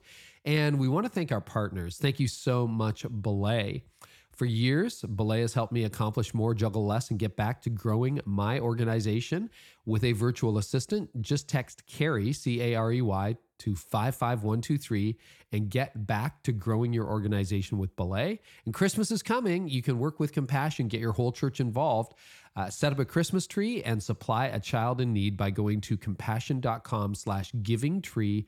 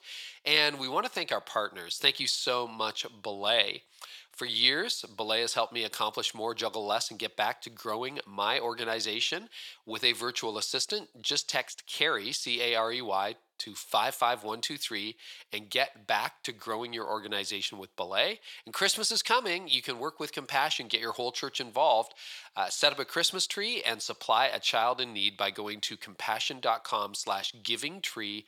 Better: first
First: none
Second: thin; very; fading below 700 Hz

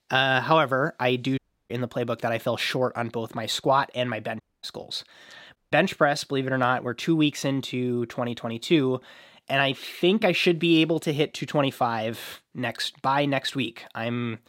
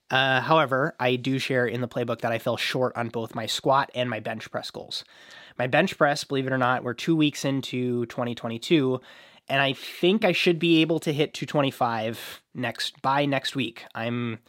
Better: second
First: audio cutting out; at 1.5 s, at 4.5 s and at 5.5 s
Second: none

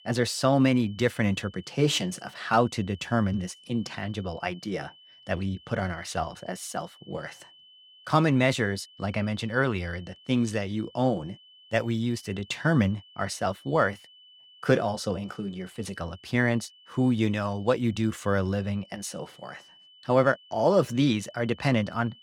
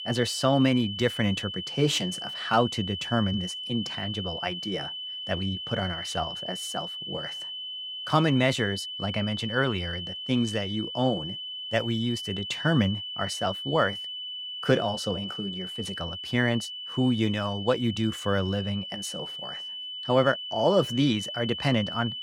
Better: first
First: high-pitched whine; faint; throughout; 3 kHz, 25 dB below the speech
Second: high-pitched whine; loud; throughout; 3 kHz, 6 dB below the speech

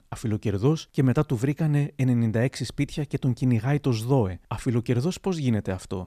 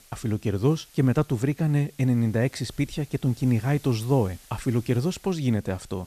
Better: first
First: none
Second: hiss; faint; throughout; 25 dB below the speech

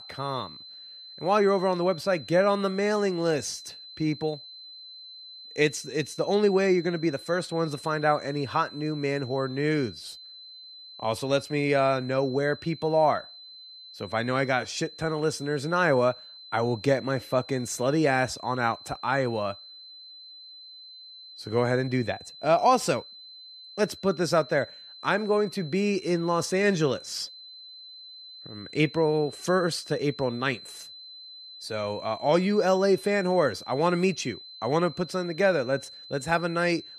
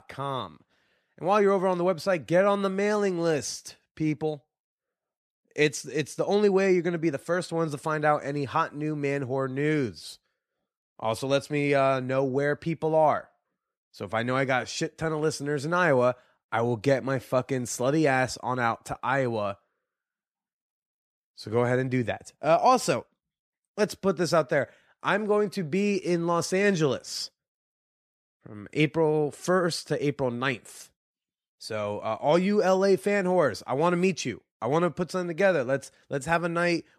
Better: second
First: high-pitched whine; noticeable; throughout; 4 kHz, 15 dB below the speech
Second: none

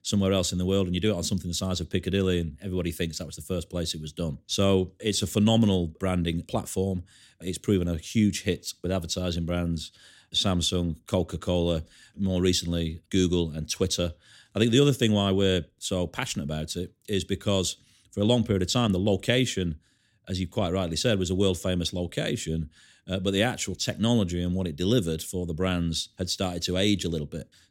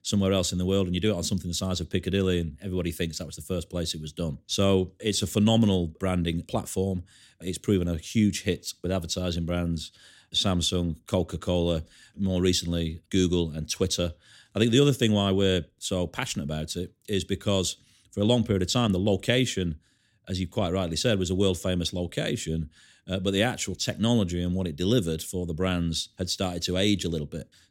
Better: neither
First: none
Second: none

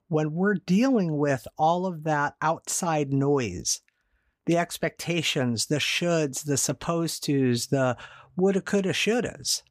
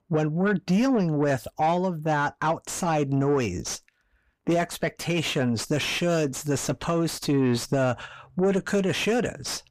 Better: first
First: none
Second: distortion; slight; 10 dB below the speech

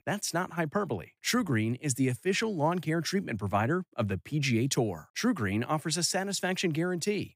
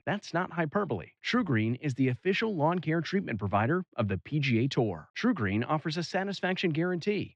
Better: first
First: none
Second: muffled; slightly; fading above 4 kHz

